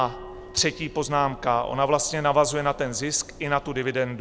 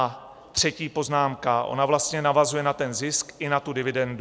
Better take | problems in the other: second | background sound (Subway, metro, underground + Bell); 18 dB below the speech

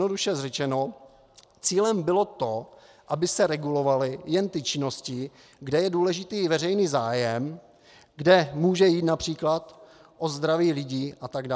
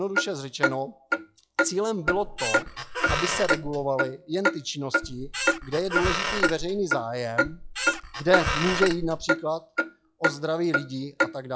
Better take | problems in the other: first | noise reduction (classical method log-MMSE)

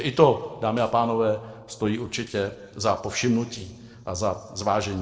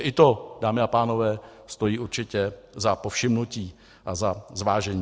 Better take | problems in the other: second | noise reduction (neural separator model SepFormer DNS4)

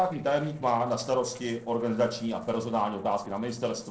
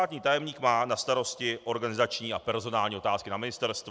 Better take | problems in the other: second | noise reduction (neural separator model SepFormer DNS4)

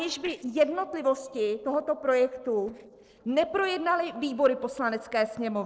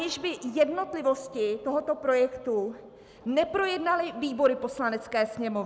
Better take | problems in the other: second | noise reduction (neural separator model SepFormer DNS4)

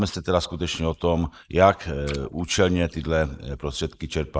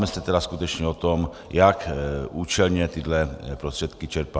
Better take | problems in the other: second | noise reduction (neural mask model Resemble Enhance denoiser)

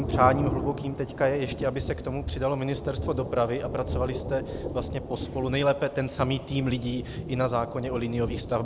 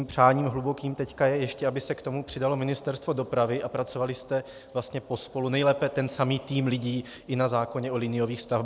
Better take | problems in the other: second | background sound (Thunder); 6 dB below the speech

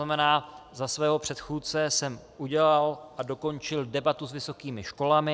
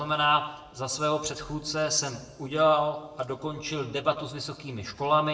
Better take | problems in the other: first | room echo; dies away in 0.7 s

